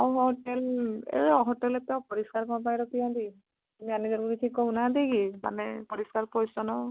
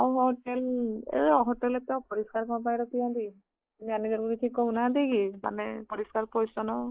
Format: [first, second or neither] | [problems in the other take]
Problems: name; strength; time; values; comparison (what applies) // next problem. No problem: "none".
first | noise reduction (neural mask model Resemble Enhance denoiser)